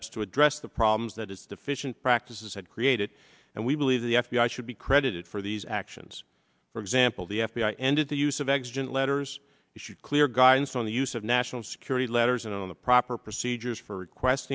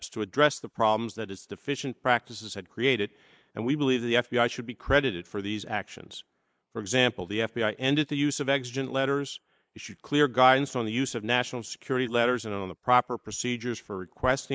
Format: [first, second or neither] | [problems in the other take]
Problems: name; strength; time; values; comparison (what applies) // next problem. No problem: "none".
first | noise reduction (neural mask model Resemble Enhance denoiser)